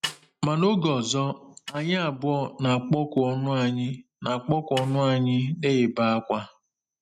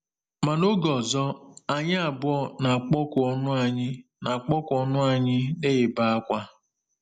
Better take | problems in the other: second | noise reduction (neural mask model RNNoise)

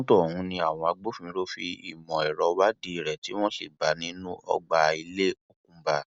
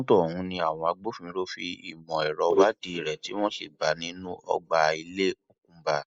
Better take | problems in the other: first | noise reduction (neural mask model Resemble Enhance denoiser)

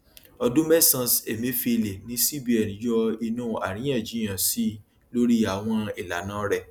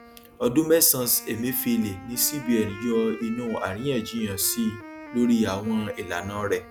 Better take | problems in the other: first | background sound (Wind instrument, woodwind instrument); 17 dB below the speech

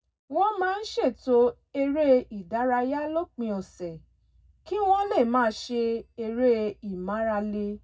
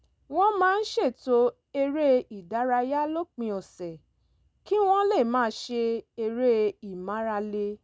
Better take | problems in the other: second | noise reduction (neural mask model DeepFilterNet 3)

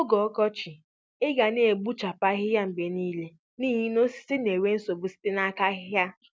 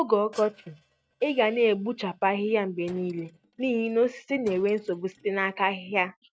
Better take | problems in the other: first | noise reduction (neural mask model RNNoise)

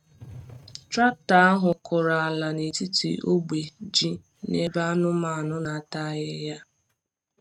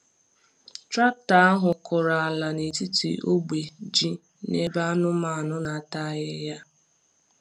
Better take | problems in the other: second | noise reduction (neural mask model RNNoise)

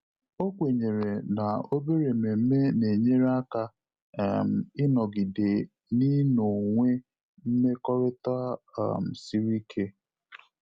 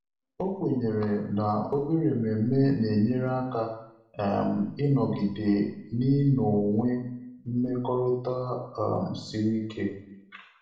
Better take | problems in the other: first | room echo; dies away in 0.6 s

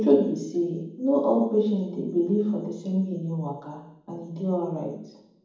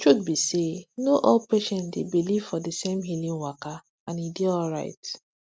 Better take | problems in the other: second | room echo; dies away in 1.2 s

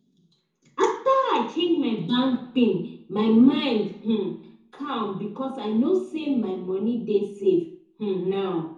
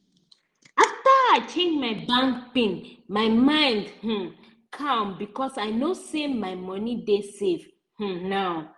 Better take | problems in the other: second | room echo; dies away in 0.6 s

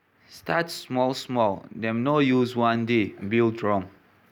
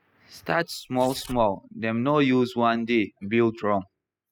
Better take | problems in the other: first | noise reduction (classical method spectral subtraction)

